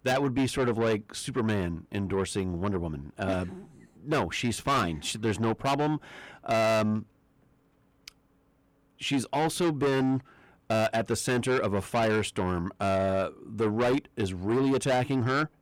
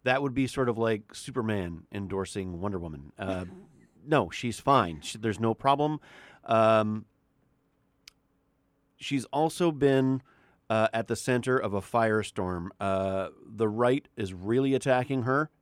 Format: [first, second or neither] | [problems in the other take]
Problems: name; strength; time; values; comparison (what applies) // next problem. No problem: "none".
second | distortion; heavy; 6 dB below the speech